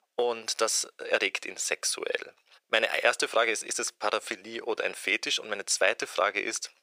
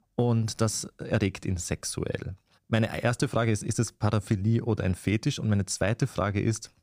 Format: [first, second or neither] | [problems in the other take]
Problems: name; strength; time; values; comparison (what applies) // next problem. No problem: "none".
second | thin; very; fading below 450 Hz